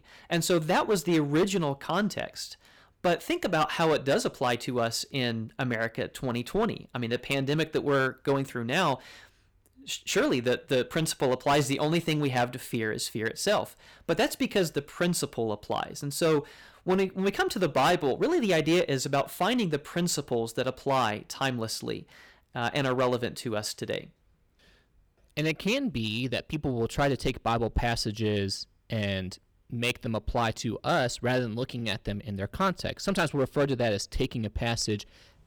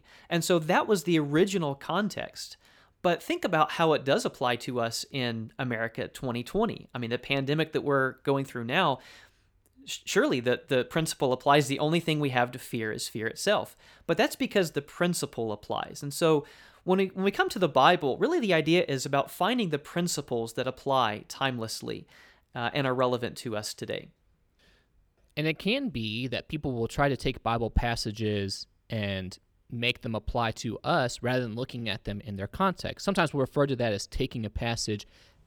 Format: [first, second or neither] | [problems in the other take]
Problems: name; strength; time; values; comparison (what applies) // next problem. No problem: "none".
second | distortion; slight; 5% of the sound clipped